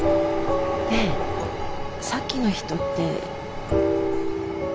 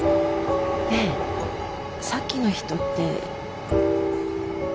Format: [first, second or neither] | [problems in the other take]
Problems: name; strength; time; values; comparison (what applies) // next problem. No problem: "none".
second | background sound (Chink, clink); 9 dB below the speech